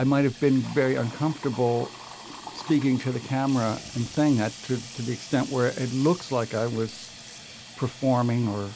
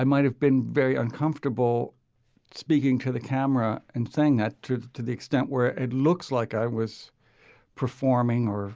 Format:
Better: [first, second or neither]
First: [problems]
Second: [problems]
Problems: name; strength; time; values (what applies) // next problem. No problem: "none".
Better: second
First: background sound (Sink (filling or washing) / Water tap, faucet); 16 dB below the speech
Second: none